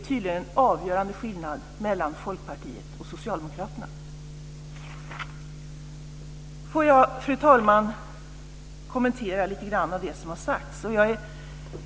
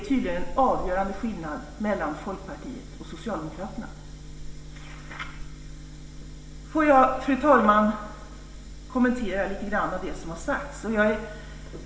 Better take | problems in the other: first | background sound (Wind); 13 dB below the speech // room echo; dies away in 1.7 s

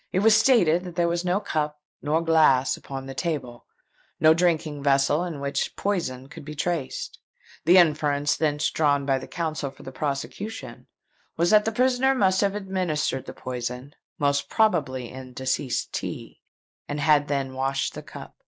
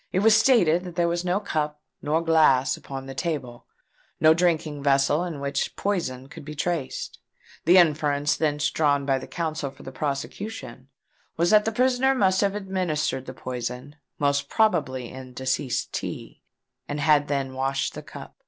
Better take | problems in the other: second | noise reduction (neural mask model Resemble Enhance denoiser)

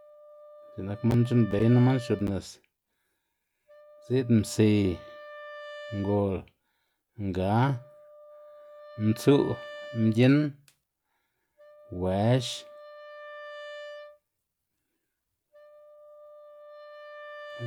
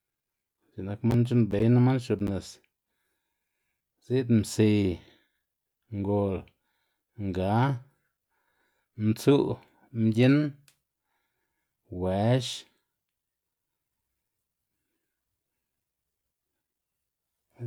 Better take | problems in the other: second | background sound (Wind instrument, woodwind instrument); 18 dB below the speech

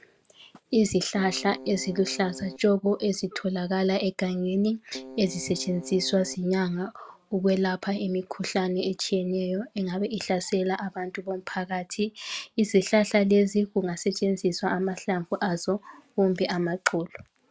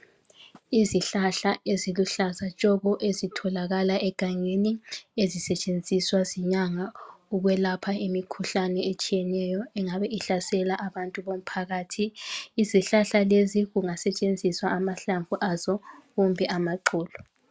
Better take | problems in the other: second | background sound (Keyboard (musical)); 15 dB below the speech

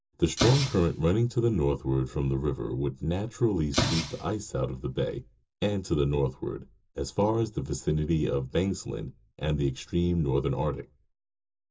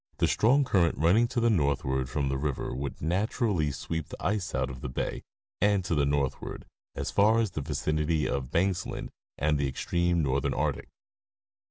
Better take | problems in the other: second | background sound (Explosion); 6 dB below the speech // room echo; dies away in 0.2 s

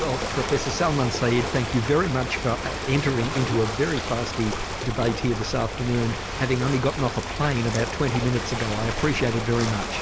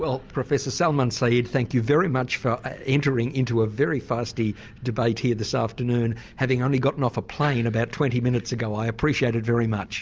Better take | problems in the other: second | background sound (Ocean); 5 dB below the speech

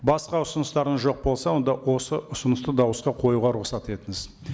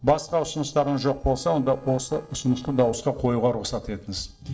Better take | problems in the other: first | noise reduction (neural separator model SepFormer DNS4)

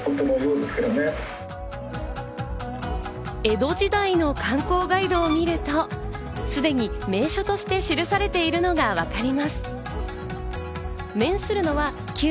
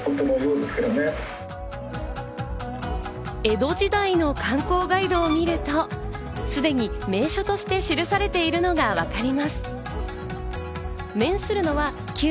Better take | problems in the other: first | background sound (Bowed string instrument); 16 dB below the speech

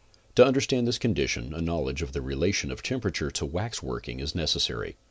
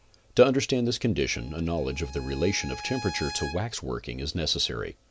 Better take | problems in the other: first | background sound (Bowed string instrument); 14 dB below the speech

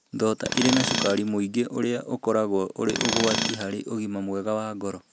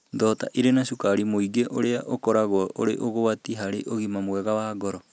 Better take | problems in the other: second | background sound (Tools); 3 dB below the speech

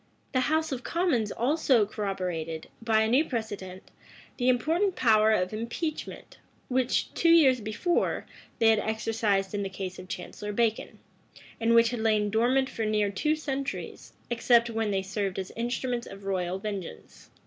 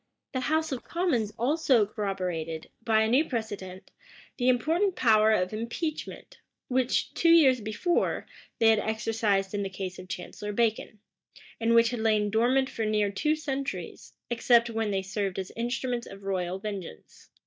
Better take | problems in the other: first | noise reduction (neural mask model DeepFilterNet 3)

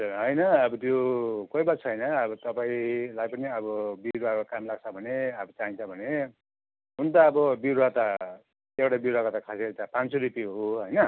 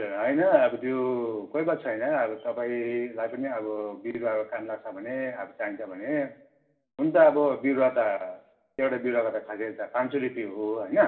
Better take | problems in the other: first | room echo; dies away in 0.5 s

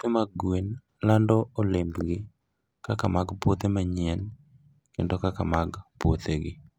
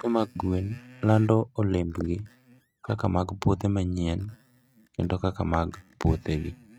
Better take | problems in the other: first | noise reduction (neural mask model RNNoise)

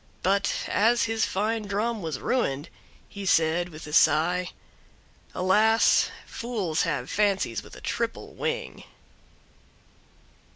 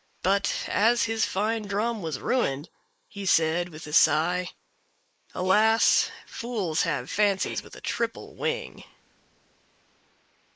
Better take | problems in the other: first | noise reduction (neural mask model Resemble Enhance denoiser)

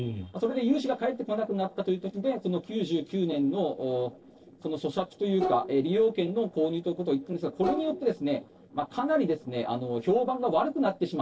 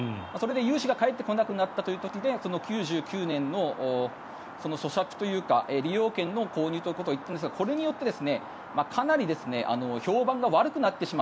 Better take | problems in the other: second | noise reduction (neural separator model SepFormer DNS4)

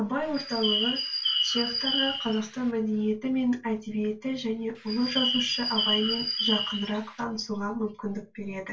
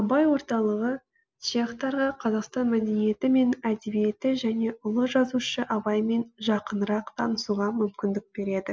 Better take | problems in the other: second | background sound (Bird); as loud as the speech // room echo; dies away in 0.2 s

